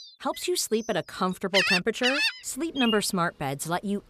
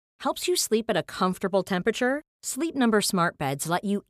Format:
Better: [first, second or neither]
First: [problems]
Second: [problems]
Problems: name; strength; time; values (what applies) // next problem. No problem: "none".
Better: second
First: animal sounds; very loud; throughout; 2 dB above the speech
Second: none